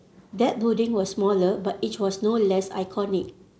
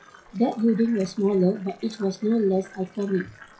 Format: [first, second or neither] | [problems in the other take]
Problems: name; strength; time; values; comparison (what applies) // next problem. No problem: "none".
first | noise reduction (classical method WPE with log-MMSE)